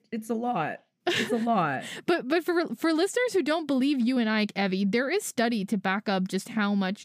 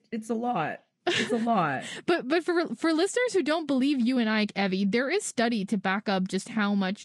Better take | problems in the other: first | garbled, watery; slightly; nothing above 10.5 kHz

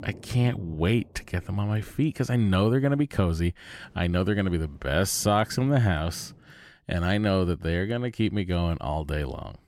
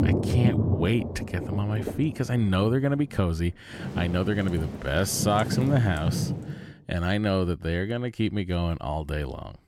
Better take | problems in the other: first | rain or running water; loud; until 6 s; 4 dB below the speech; faint in the first

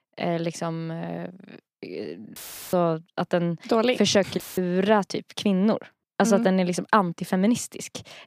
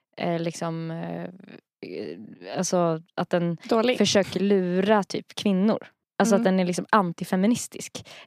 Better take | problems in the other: second | audio cutting out; filled with static; at 2.5 s and at 4.5 s

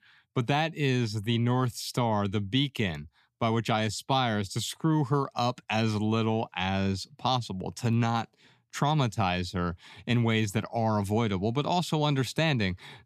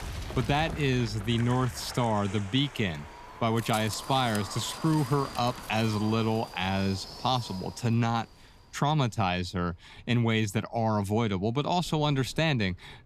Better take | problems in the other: first | wind noise on the microphone; occasional gusts; 10 dB below the speech

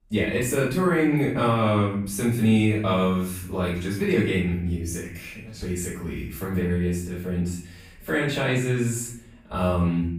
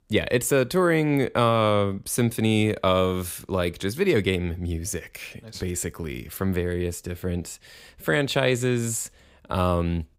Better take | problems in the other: second | off-mic speech; far // room echo; noticeable; dies away in 0.6 s

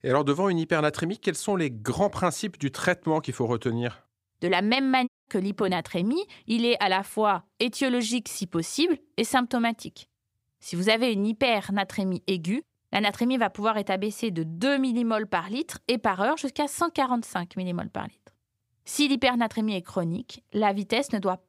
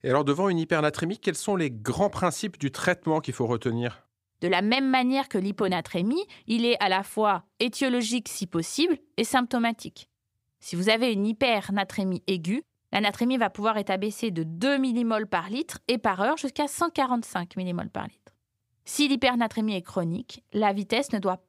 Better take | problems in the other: second | audio cutting out; at 5 s

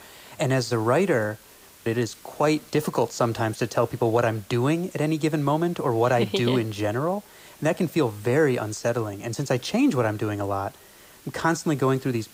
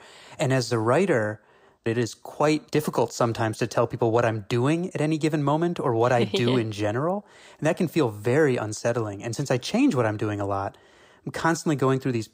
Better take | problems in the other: second | hiss; faint; throughout; 25 dB below the speech

